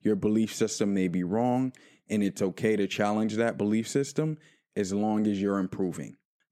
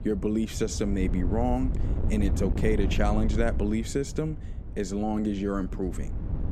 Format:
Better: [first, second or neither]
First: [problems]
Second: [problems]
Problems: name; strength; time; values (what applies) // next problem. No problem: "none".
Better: first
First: none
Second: wind noise on the microphone; occasional gusts; 10 dB below the speech